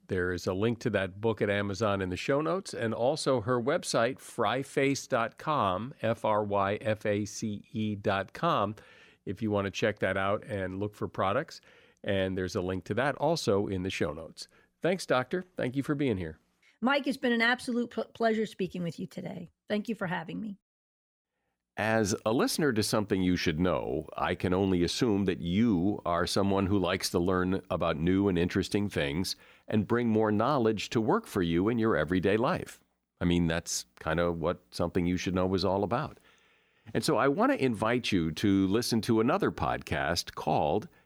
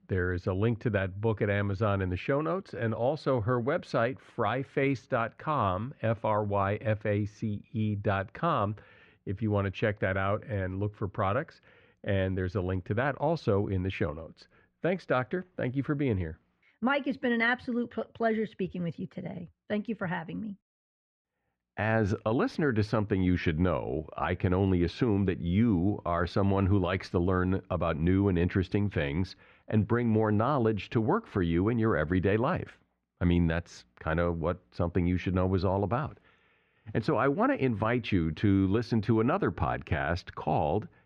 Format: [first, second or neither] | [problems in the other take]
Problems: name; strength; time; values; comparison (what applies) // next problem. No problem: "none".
first | muffled; slightly; fading above 2 kHz